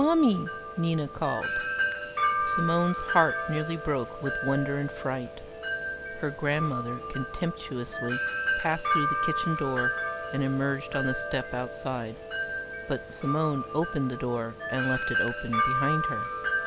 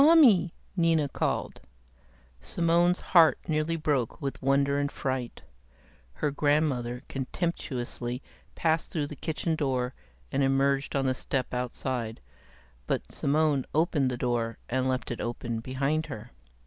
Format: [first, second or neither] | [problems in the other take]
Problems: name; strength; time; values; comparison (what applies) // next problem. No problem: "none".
second | background sound (Wind chime); 1 dB below the speech